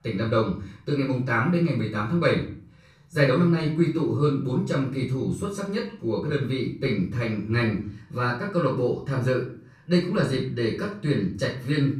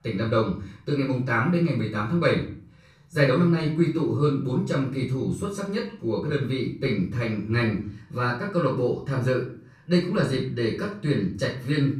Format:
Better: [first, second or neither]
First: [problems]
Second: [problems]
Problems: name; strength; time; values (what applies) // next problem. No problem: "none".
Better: neither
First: off-mic speech; far // room echo; slight; dies away in 0.4 s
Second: off-mic speech; far // room echo; slight; dies away in 0.4 s